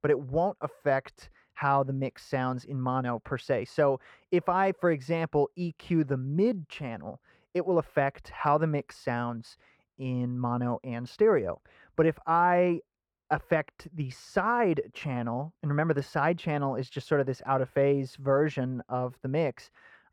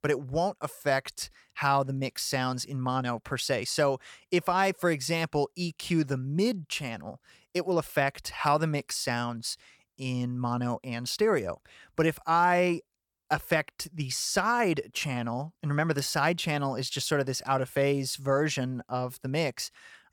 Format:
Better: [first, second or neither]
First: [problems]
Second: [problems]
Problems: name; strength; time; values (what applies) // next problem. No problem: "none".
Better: second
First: muffled; very; fading above 3 kHz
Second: none